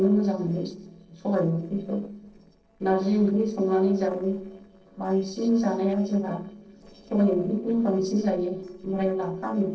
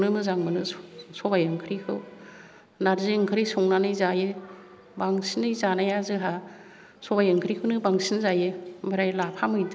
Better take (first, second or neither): second